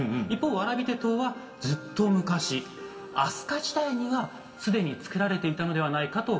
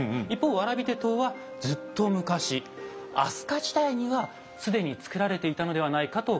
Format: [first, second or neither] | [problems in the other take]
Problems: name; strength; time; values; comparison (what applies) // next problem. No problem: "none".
second | room echo; dies away in 1.4 s